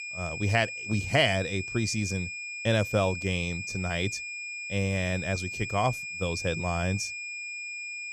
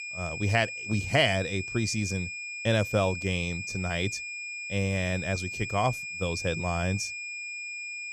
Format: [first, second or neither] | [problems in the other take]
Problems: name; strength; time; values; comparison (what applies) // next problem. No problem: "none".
neither | high-pitched whine; loud; throughout; 2.5 kHz, 5 dB below the speech; the same in both